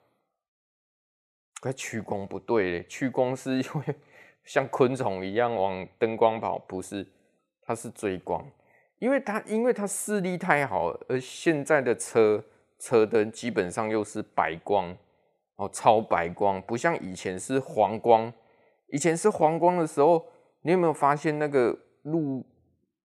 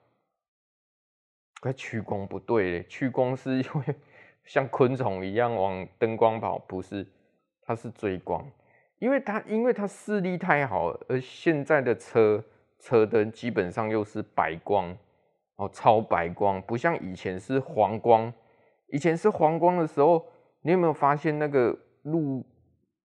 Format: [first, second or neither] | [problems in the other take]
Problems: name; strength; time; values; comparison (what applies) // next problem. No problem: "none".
first | muffled; slightly; fading above 3.5 kHz